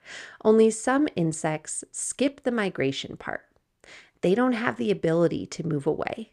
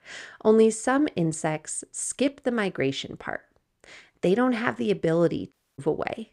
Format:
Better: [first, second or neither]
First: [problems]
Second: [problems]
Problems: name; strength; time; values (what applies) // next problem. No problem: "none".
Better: first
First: none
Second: audio cutting out; at 5.5 s